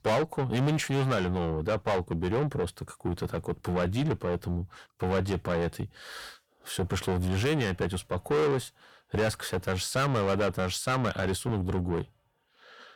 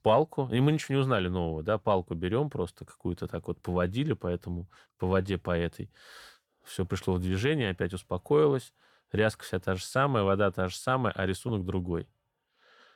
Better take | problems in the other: second | distortion; heavy; 6 dB below the speech

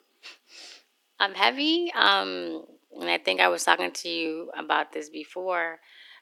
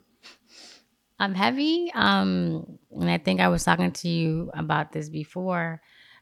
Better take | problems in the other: second | thin; very; fading below 300 Hz

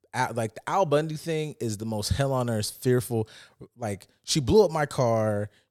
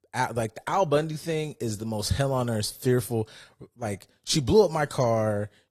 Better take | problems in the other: first | garbled, watery; slightly; nothing above 13.5 kHz

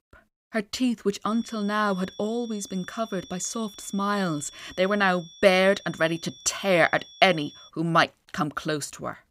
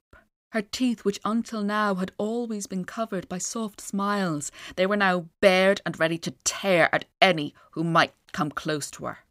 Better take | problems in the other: second | high-pitched whine; faint; from 1.5 to 7.5 s; 3.5 kHz, 20 dB below the speech

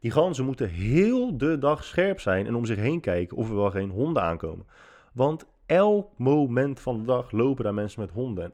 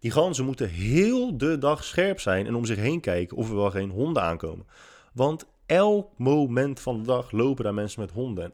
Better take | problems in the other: second | muffled; slightly; fading above 3 kHz

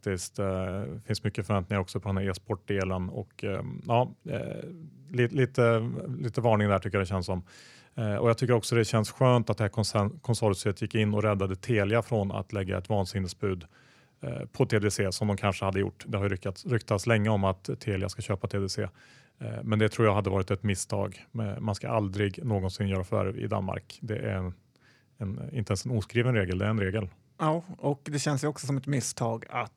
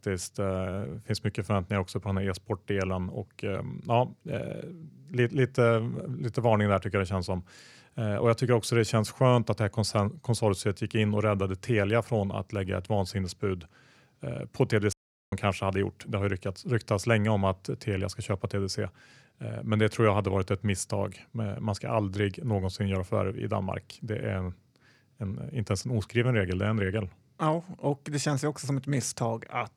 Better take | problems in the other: first | audio cutting out; at 15 s

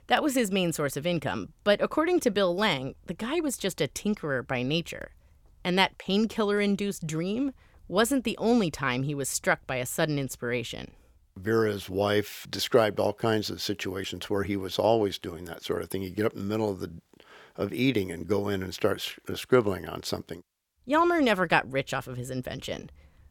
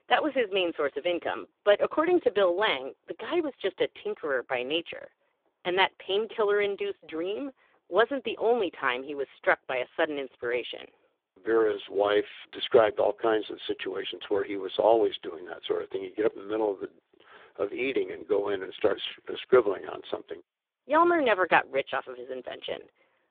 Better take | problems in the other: first | phone-call audio; poor line

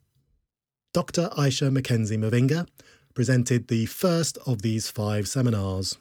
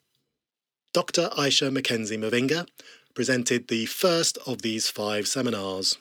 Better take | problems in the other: first | thin; somewhat; fading below 300 Hz

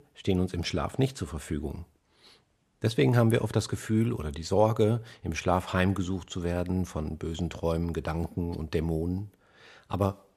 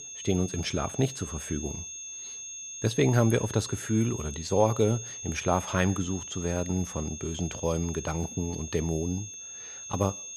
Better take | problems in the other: first | high-pitched whine; loud; throughout; 6.5 kHz, 9 dB below the speech

